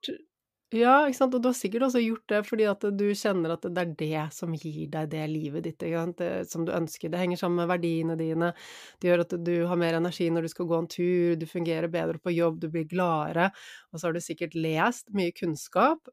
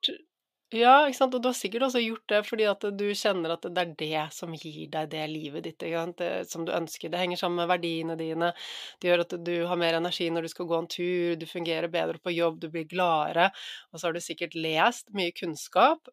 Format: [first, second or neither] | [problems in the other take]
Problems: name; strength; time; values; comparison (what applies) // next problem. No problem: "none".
first | thin; somewhat; fading below 700 Hz